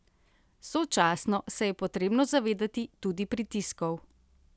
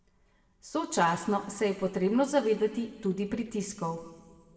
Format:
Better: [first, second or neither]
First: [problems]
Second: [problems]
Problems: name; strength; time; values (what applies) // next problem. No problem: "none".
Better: first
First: none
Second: room echo; dies away in 1.3 s